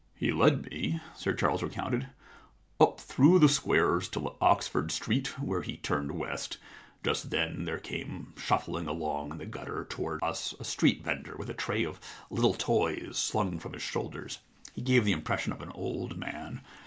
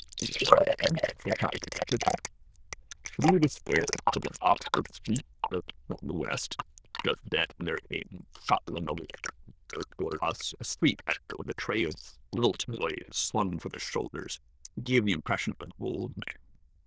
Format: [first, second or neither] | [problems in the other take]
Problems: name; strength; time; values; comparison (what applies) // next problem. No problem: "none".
first | noise reduction (neural diffusion model UNIVERSE++)